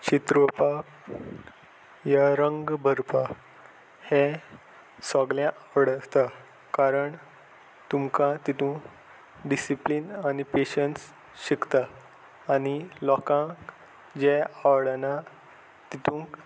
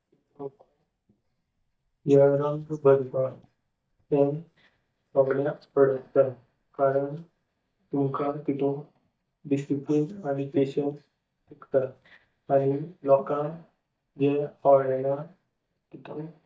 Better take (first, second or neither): first